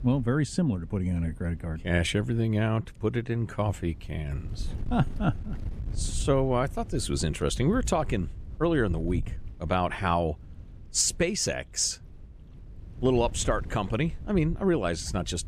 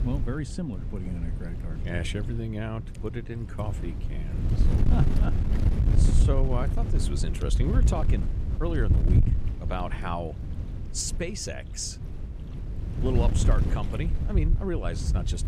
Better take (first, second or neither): first